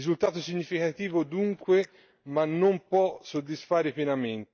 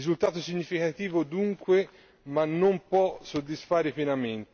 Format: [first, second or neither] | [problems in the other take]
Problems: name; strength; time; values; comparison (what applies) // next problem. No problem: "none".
second | noise reduction (neural mask model DeepFilterNet 3)